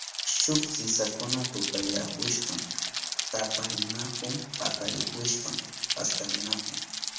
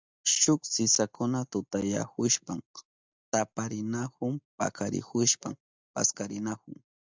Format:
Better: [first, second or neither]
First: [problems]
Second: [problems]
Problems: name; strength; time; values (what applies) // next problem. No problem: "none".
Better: second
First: background sound (Rain); as loud as the speech // room echo; dies away in 0.9 s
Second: none